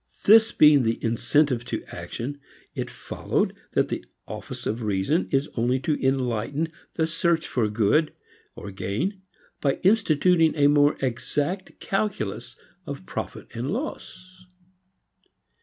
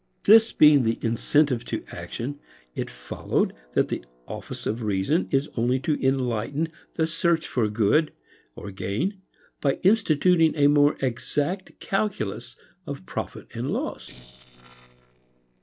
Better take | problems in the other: first | noise reduction (neural separator model SepFormer DNS4)

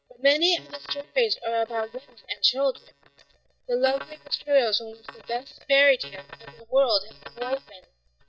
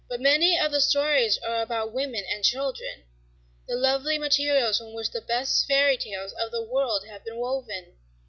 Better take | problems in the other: second | noise reduction (neural mask model DeepFilterNet 3)

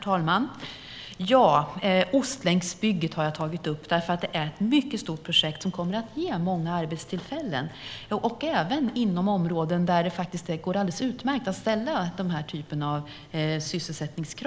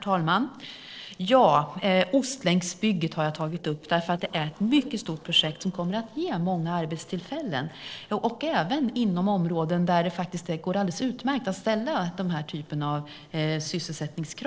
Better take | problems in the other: first | noise reduction (neural separator model SepFormer DNS4)

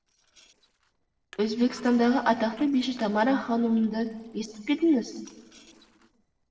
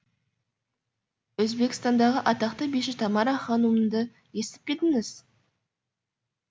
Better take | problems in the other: second | noise reduction (neural separator model SepFormer DNS4)

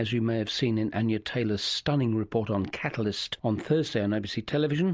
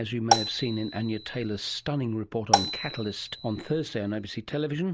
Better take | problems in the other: first | background sound (Marimba, xylophone); 1 dB below the speech

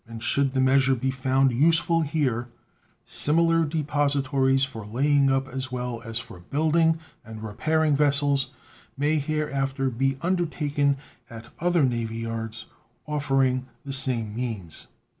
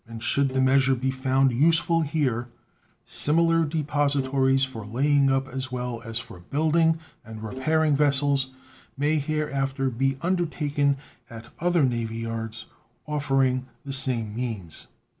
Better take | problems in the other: first | background sound (Bowed string instrument); 19 dB below the speech

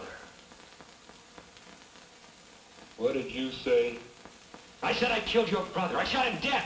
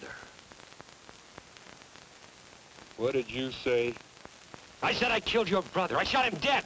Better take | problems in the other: second | room echo; dies away in 0.8 s

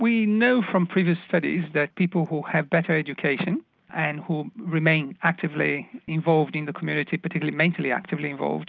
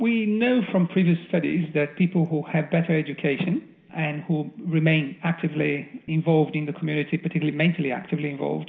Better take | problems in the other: first | room echo; dies away in 1.5 s

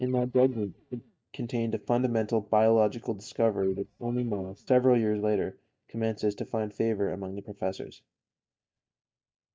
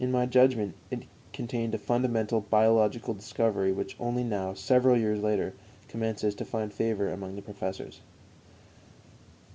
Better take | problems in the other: second | noise reduction (neural mask model DeepFilterNet 3)

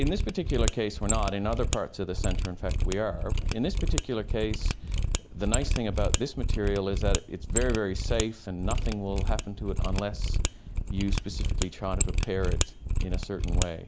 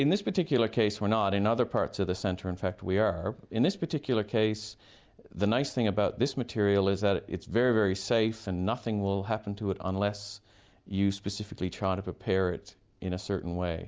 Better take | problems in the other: second | background sound (Mechanisms); 4 dB above the speech

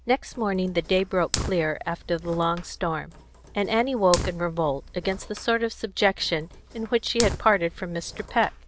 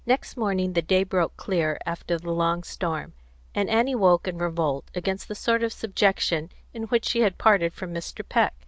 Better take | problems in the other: second | background sound (Fire); 11 dB below the speech

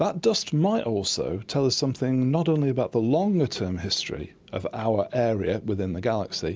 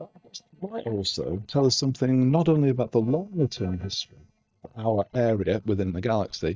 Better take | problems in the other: first | noise reduction (neural mask model DeepFilterNet 3)

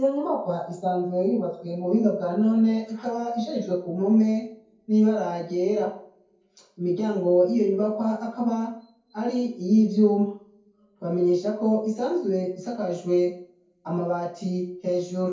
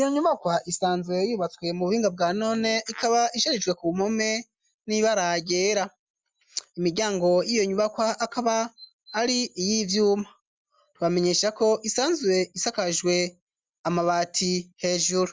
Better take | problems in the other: second | room echo; dies away in 0.6 s

